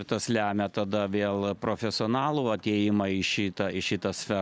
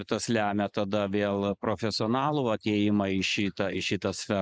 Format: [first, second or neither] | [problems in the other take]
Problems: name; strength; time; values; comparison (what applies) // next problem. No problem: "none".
first | noise reduction (neural mask model Resemble Enhance denoiser)